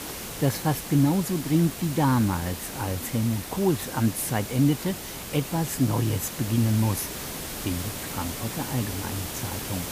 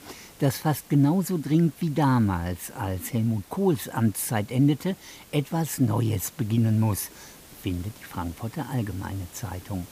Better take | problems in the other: second | hiss; loud; throughout; 7 dB below the speech; faint in the second

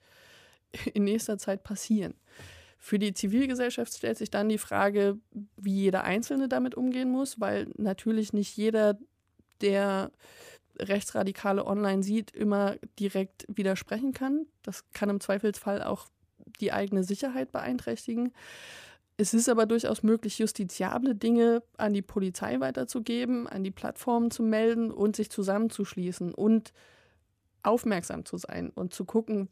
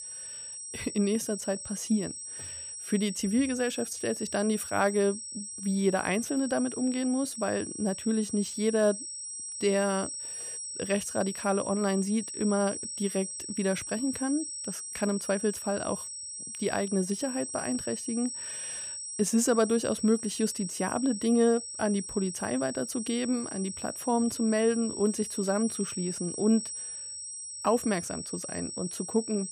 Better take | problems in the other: first | high-pitched whine; loud; throughout; 8 kHz, 7 dB below the speech

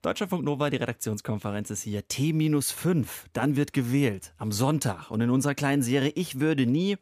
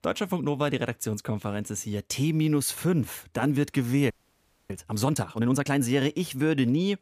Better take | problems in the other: first | audio freezing; at 4 s for 0.5 s

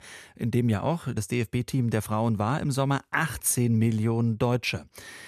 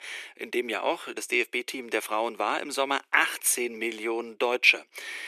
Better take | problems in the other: first | thin; very; fading below 350 Hz

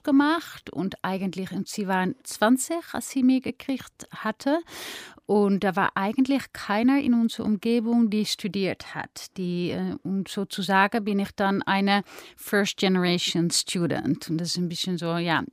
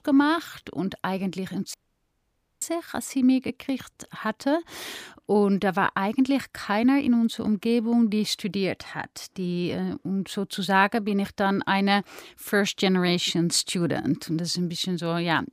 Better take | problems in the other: first | audio cutting out; at 1.5 s for 1 s

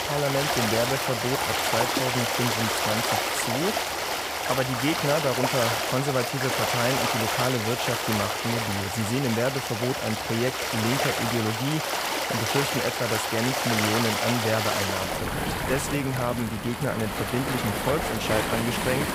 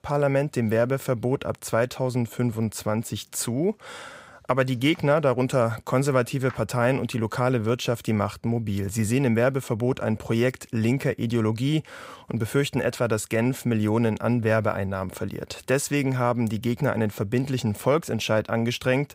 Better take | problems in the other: second | rain or running water; very loud; throughout; 2 dB above the speech

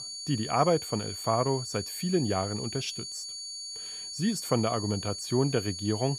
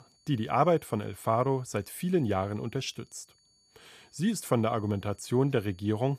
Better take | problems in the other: second | high-pitched whine; loud; throughout; 4.5 kHz, 7 dB below the speech; faint in the second

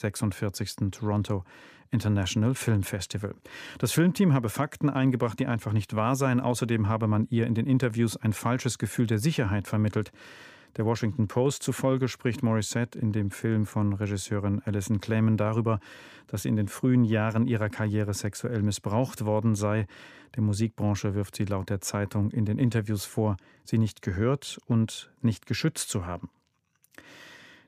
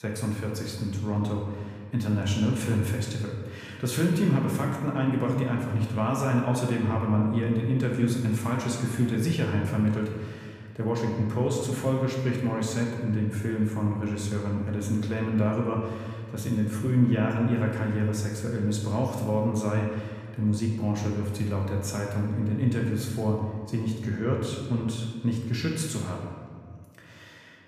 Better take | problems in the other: first | room echo; noticeable; dies away in 1.5 s // off-mic speech; somewhat distant

